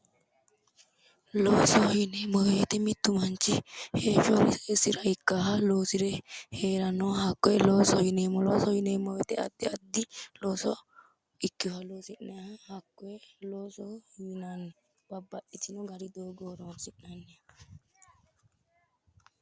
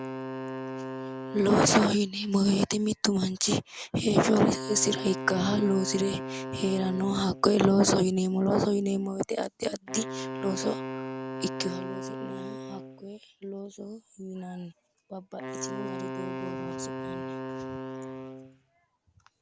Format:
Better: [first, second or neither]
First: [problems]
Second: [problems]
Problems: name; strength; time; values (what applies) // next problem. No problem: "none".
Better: first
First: none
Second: background sound (Wind instrument, woodwind instrument); 10 dB below the speech